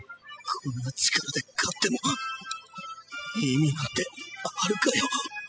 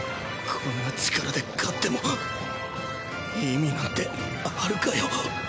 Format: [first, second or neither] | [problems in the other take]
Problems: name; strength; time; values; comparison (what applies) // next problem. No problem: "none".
second | noise reduction (classical method spectral subtraction)